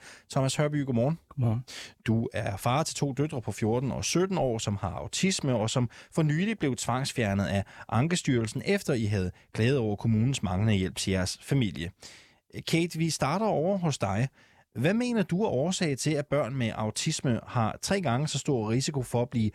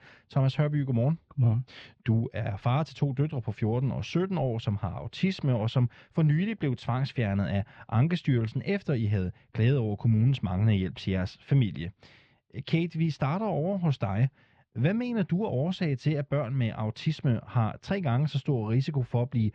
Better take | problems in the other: first | muffled; slightly; fading above 4 kHz

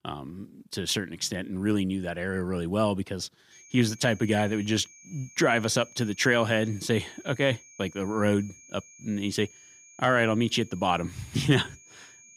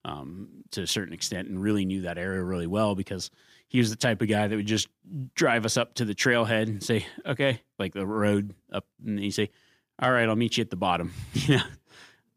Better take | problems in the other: second | high-pitched whine; faint; from 3.5 s on; 6.5 kHz, 20 dB below the speech

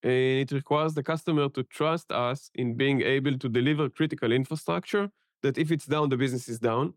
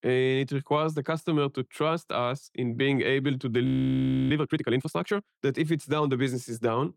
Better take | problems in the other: first | audio freezing; at 3.5 s for 0.5 s

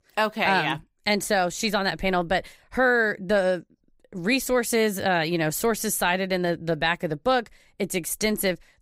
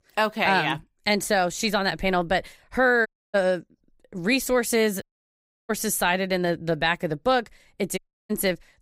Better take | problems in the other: first | audio cutting out; at 3 s, at 5 s for 0.5 s and at 8 s

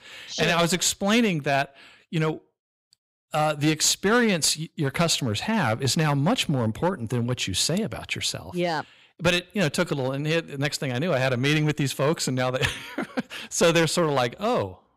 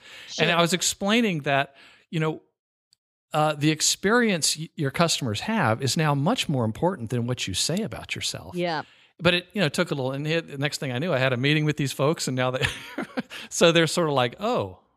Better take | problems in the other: second | distortion; slight; 3% of the sound clipped

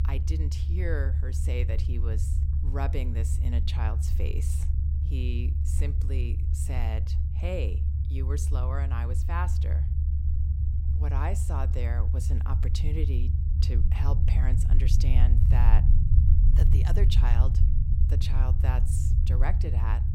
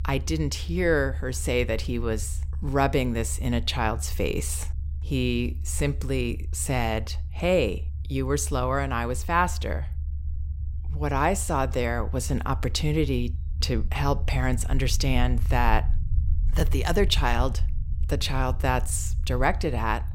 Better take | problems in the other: second | low rumble; loud; throughout; 4 dB below the speech; faint in the second

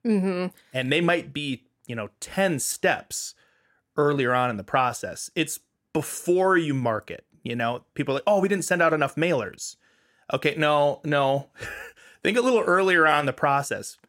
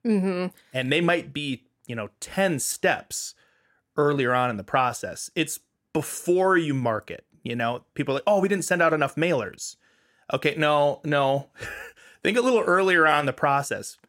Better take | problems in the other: neither | none

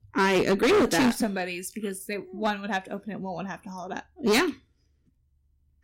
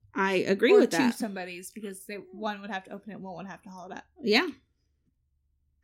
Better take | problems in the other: second | distortion; heavy; 8% of the sound clipped

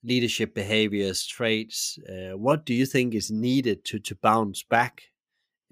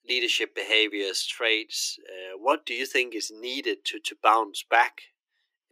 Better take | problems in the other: first | thin; very; fading below 300 Hz

